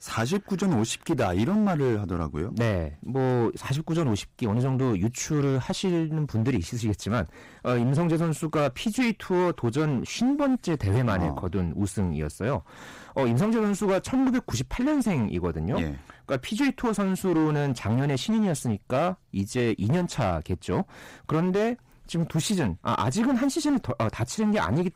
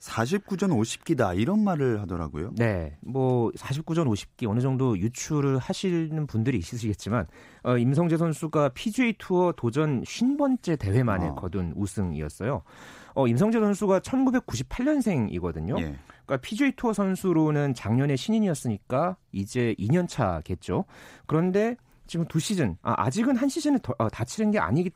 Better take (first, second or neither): second